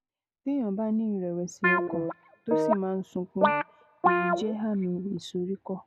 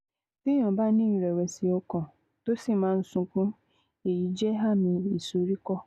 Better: second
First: background sound (Guitar); 3 dB above the speech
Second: none

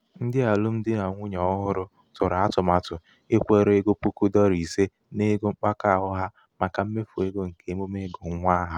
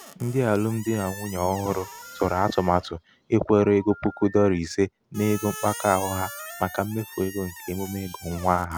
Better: first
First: none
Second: background sound (Squeak + Telephone); 16 dB below the speech

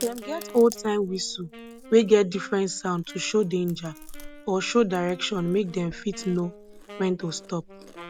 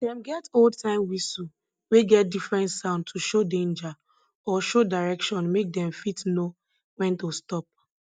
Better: second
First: background sound (Wind instrument, woodwind instrument + Chewing, mastication); 17 dB below the speech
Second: none

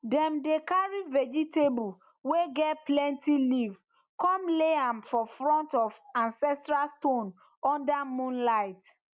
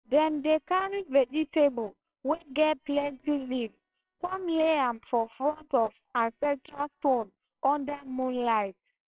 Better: first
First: none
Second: noise reduction (neural separator model SepFormer WHAMR!)

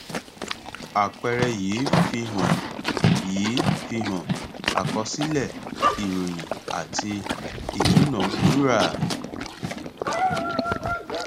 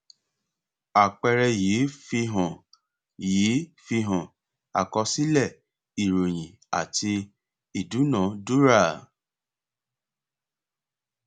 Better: second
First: background sound (Livestock, farm animals, working animals); 3 dB above the speech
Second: none

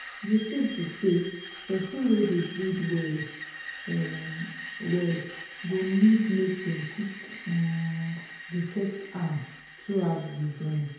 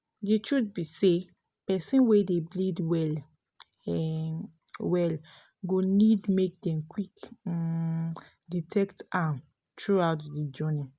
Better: second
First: background sound (Screech); 13 dB below the speech // room echo; dies away in 1 s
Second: none

